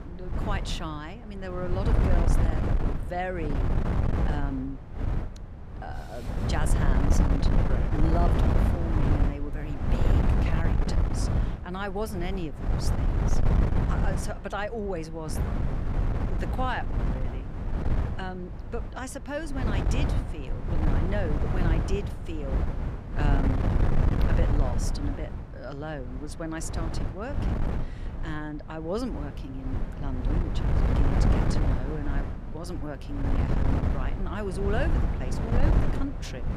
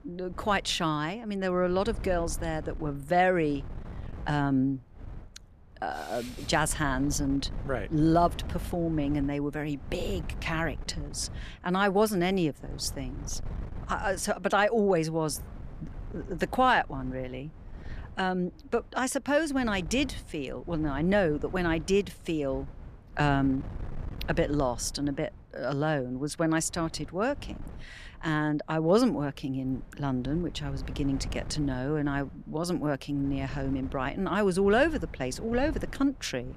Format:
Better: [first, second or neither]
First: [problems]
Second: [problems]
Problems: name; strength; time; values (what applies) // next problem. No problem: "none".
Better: second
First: wind noise on the microphone; heavy; as loud as the speech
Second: wind noise on the microphone; occasional gusts; 20 dB below the speech